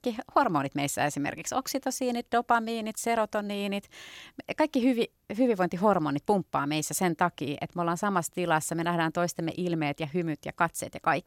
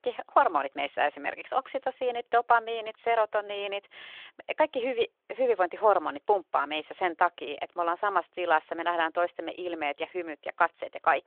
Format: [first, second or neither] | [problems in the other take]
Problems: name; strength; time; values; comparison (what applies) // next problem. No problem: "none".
first | phone-call audio